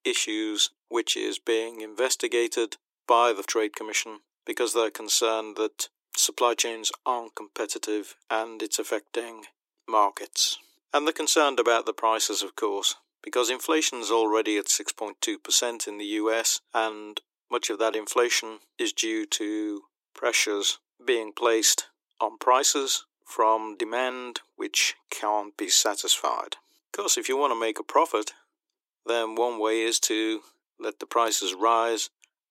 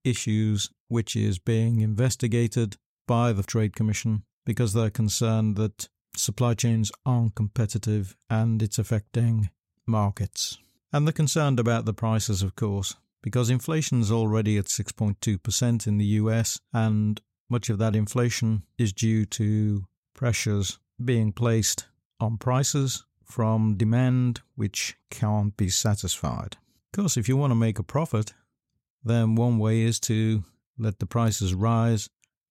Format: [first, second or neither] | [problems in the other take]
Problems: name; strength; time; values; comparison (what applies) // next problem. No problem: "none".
second | thin; very; fading below 300 Hz